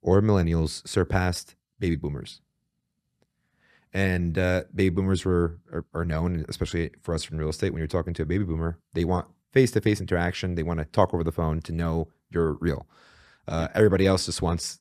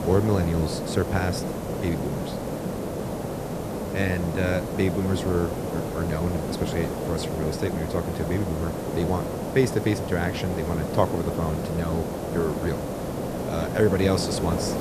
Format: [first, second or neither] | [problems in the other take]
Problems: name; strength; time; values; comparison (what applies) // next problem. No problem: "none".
first | hiss; loud; throughout; 3 dB below the speech